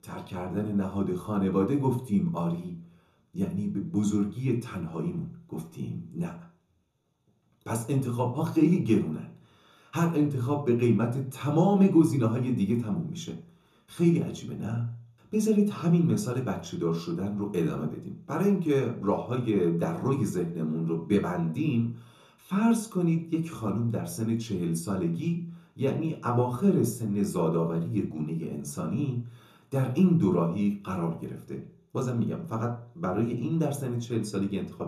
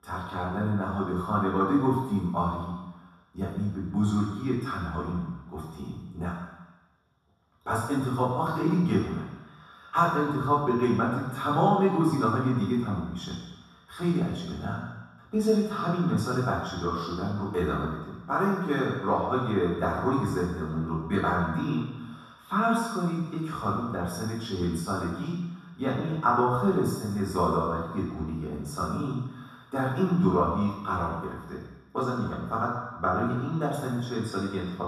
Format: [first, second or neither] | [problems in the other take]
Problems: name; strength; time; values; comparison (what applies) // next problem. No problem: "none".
first | room echo; strong; dies away in 1.2 s; slight in the first // off-mic speech; far; somewhat distant in the first